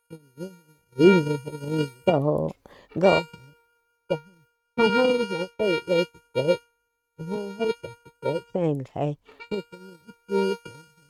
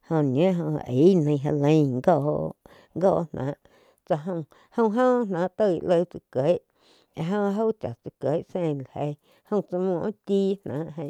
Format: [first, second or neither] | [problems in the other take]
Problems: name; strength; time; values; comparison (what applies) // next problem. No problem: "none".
second | noise reduction (neural mask model RNNoise)